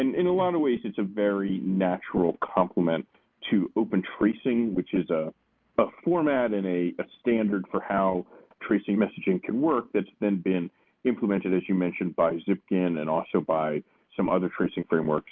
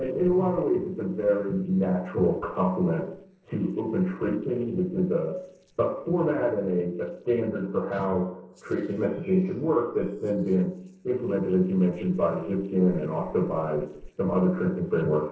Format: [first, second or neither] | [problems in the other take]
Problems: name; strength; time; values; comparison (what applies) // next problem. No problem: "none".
first | noise reduction (neural separator model SepFormer DNS4)